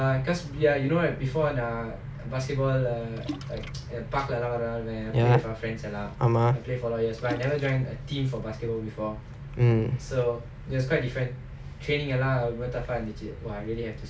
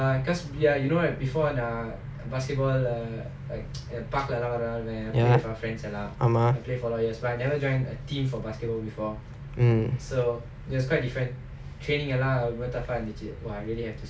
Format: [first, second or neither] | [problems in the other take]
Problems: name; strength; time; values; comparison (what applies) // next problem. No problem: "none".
second | background sound (Splash, splatter); 15 dB below the speech